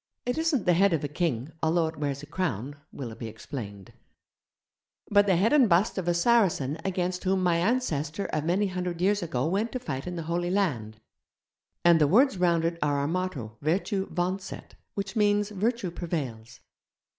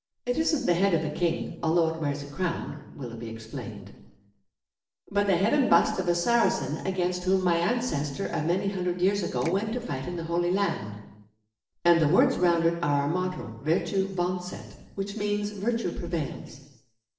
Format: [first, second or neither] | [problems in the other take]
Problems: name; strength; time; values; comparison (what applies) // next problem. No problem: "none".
first | noise reduction (neural separator model SepFormer DNS4)